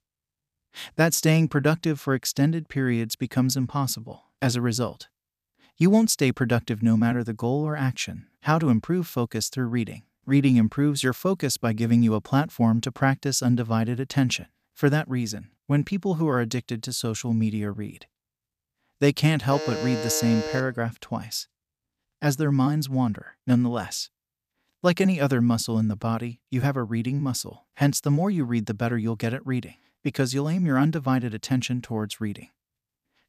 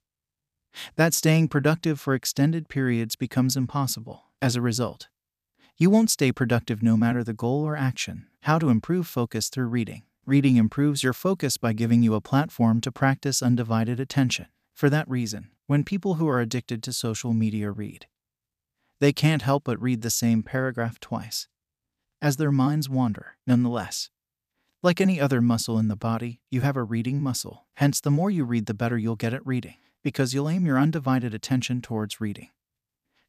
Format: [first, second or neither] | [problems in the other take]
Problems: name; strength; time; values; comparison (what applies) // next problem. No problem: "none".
second | alarm; noticeable; from 20 to 21 s; peak 6 dB below the speech